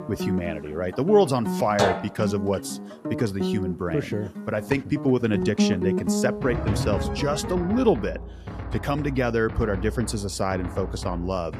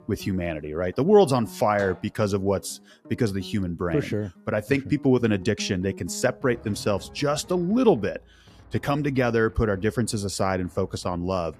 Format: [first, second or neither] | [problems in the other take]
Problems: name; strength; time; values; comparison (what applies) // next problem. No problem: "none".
second | background music; loud; throughout; 5 dB below the speech; faint in the second